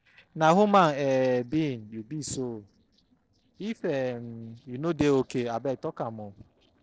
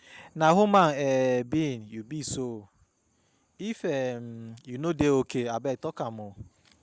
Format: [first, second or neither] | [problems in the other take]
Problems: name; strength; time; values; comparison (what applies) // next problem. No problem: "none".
second | noise reduction (neural separator model SepFormer DNS4)